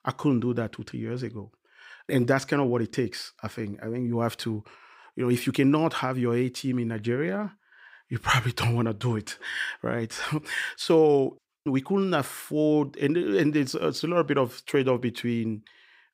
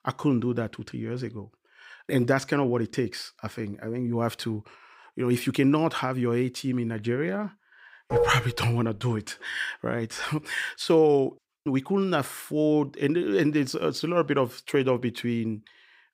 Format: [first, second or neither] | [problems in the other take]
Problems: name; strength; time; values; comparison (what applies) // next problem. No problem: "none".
first | clattering dishes; loud; at 8 s; peak 1 dB above the speech